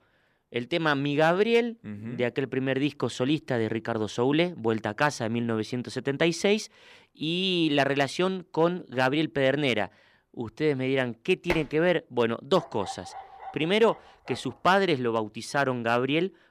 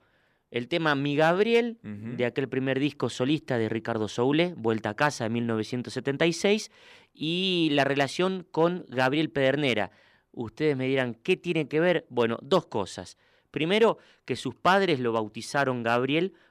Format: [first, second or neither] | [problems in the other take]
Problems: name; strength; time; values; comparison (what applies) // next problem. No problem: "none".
second | clattering dishes; noticeable; at 12 s; peak 7 dB below the speech // dog barking; faint; from 13 to 15 s; peak 15 dB below the speech